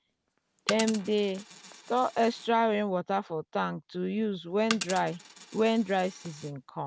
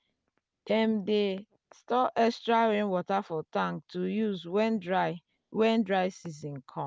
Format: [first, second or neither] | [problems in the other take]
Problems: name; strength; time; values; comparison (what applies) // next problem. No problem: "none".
second | background sound (Coin (dropping)); 13 dB below the speech